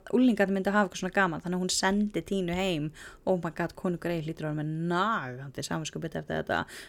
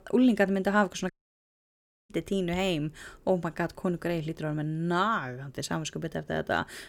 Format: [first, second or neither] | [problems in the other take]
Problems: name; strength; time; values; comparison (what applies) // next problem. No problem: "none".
first | audio cutting out; at 1 s for 1 s